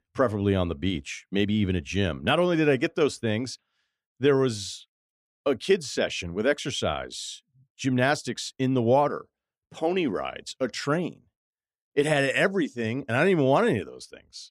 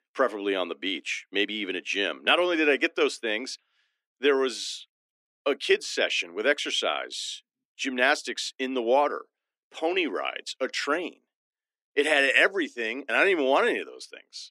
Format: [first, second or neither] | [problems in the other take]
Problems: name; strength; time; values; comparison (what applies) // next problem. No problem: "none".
first | thin; somewhat; fading below 300 Hz